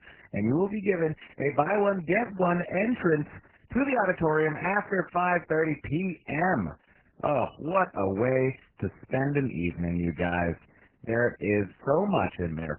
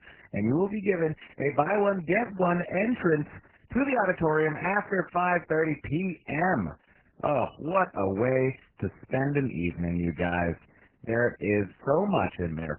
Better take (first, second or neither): neither